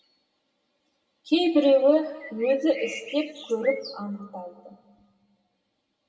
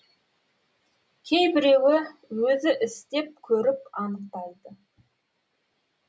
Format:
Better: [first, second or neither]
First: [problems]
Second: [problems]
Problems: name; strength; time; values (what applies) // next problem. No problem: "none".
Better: second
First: background sound (Bird); 14 dB below the speech // room echo; dies away in 2.4 s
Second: none